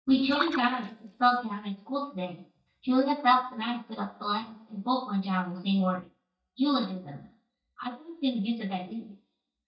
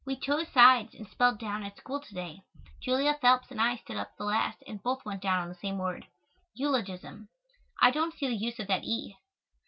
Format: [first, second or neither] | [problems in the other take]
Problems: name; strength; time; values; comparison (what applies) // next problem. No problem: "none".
second | noise reduction (neural mask model DeepFilterNet 3)